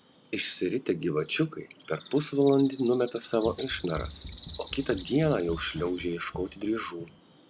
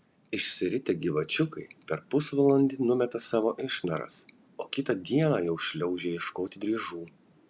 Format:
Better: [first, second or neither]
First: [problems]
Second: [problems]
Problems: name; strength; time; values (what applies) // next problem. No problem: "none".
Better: second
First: background sound (Run + Bird); 16 dB below the speech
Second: none